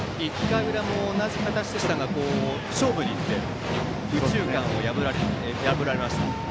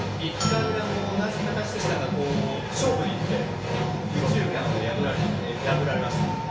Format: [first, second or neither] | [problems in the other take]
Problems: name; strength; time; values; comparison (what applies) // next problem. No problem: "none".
first | background sound (Bell); 12 dB below the speech // room echo; dies away in 0.4 s